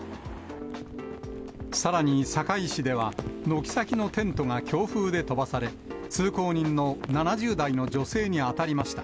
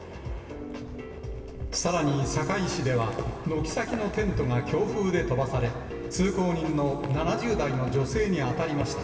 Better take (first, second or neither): first